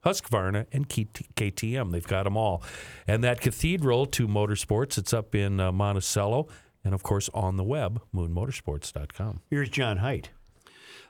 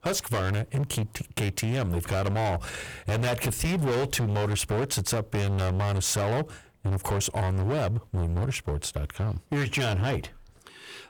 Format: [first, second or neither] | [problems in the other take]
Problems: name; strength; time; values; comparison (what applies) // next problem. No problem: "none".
first | distortion; heavy; 26% of the sound clipped